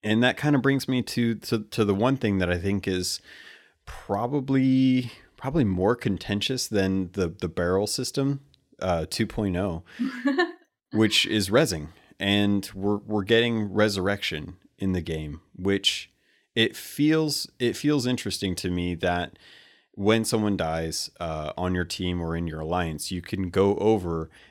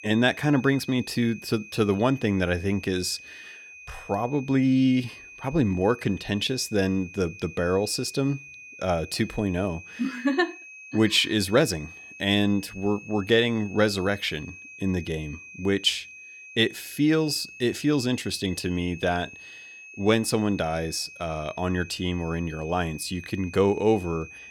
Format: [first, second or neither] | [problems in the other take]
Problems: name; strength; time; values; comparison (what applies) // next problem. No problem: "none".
first | high-pitched whine; noticeable; throughout; 2.5 kHz, 15 dB below the speech